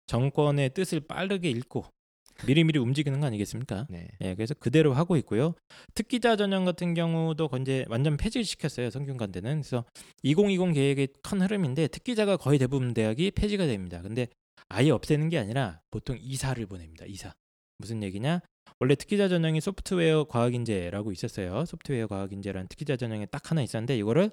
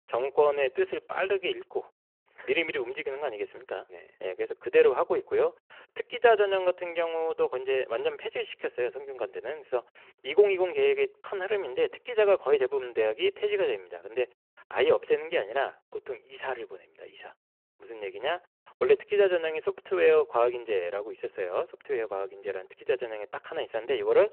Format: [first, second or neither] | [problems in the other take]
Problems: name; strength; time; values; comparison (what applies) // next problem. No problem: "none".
first | phone-call audio